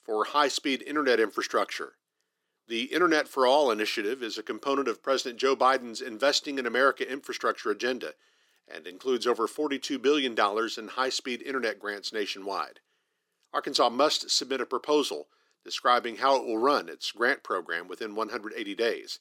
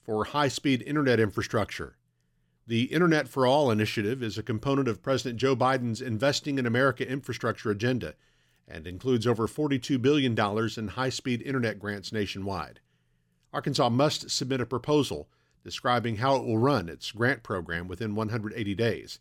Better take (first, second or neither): second